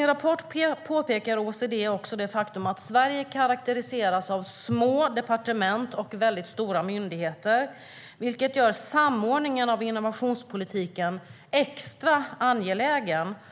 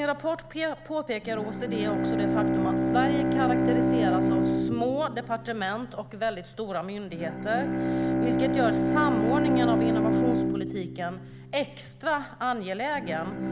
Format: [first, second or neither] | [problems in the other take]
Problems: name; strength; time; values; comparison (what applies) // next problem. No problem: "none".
first | background sound (Bowed string instrument); 3 dB above the speech